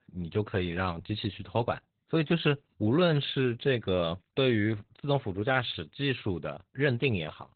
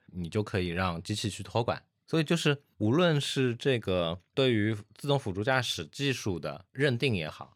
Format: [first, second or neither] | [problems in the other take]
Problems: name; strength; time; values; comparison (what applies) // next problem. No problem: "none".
second | garbled, watery; badly; nothing above 4 kHz